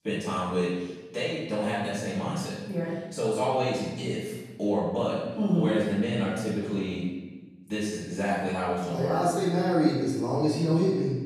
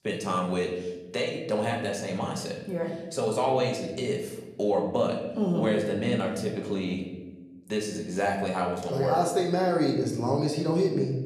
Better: second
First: room echo; strong; dies away in 1.1 s // off-mic speech; far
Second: room echo; slight; dies away in 0.9 s // off-mic speech; somewhat distant

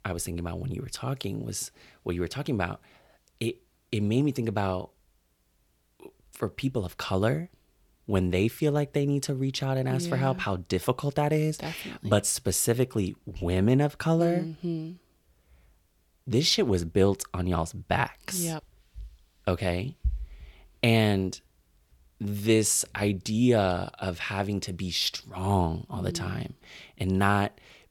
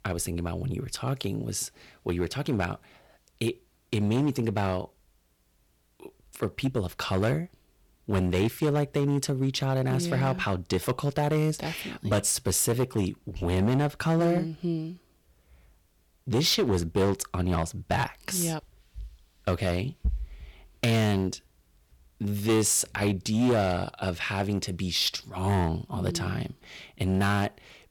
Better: first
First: none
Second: distortion; slight; 6% of the sound clipped

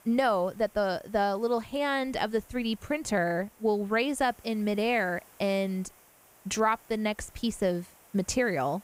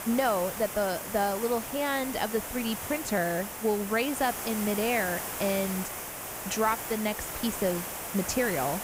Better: first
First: hiss; faint; throughout; 25 dB below the speech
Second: hiss; loud; throughout; 5 dB below the speech

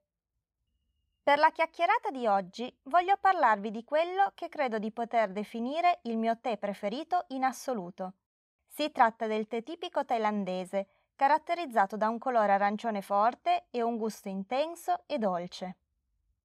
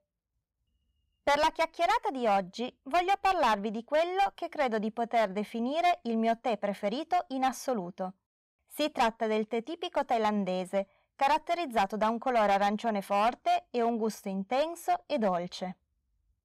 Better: first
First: none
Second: distortion; slight; 6% of the sound clipped

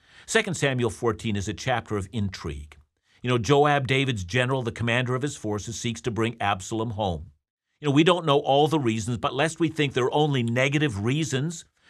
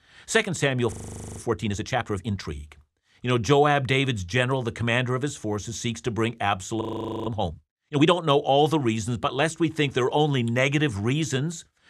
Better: first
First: none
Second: audio freezing; at 1 s and at 7 s

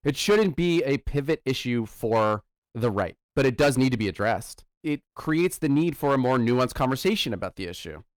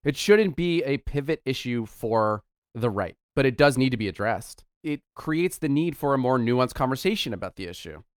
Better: second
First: distortion; slight; 4% of the sound clipped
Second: none

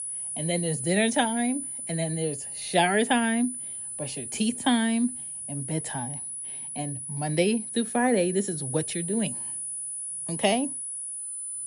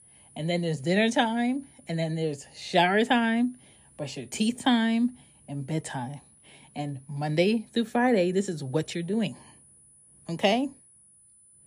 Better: second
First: high-pitched whine; loud; throughout; 10 kHz, 5 dB below the speech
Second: high-pitched whine; faint; throughout; 10 kHz, 30 dB below the speech

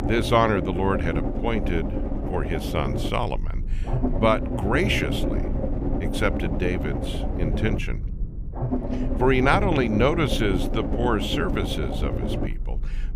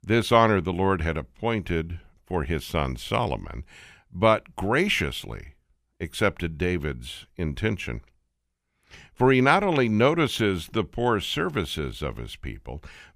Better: second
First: low rumble; loud; throughout; 7 dB below the speech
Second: none

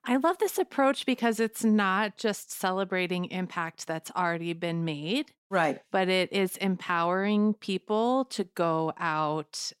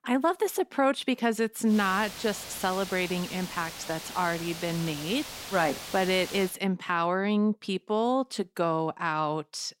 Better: first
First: none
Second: hiss; noticeable; from 1.5 to 6.5 s; 10 dB below the speech

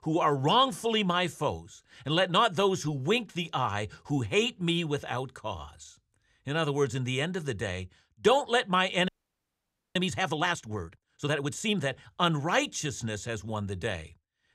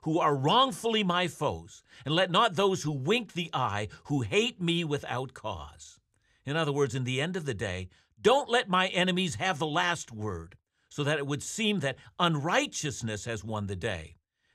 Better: second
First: audio freezing; at 9 s for 1 s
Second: none

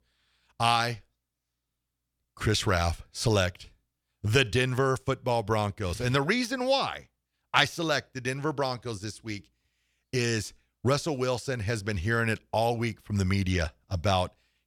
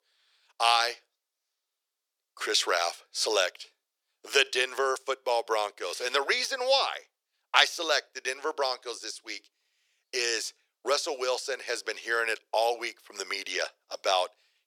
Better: first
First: none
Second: thin; very; fading below 400 Hz

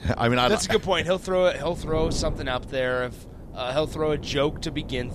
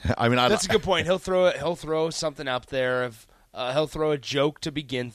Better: second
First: wind noise on the microphone; occasional gusts; 20 dB below the speech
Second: none

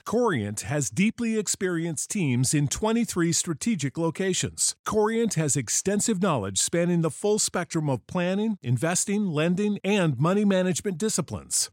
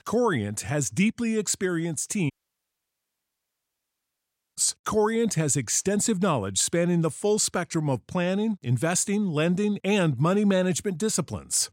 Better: first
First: none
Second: audio cutting out; at 2.5 s for 2.5 s

